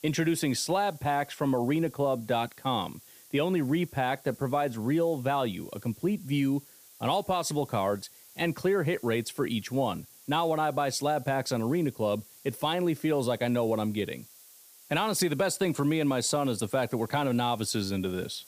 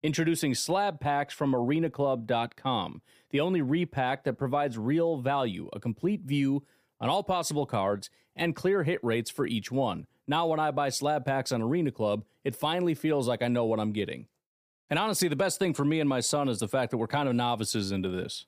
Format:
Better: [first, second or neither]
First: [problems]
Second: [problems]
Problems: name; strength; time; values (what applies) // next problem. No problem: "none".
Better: second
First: hiss; faint; throughout; 20 dB below the speech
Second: none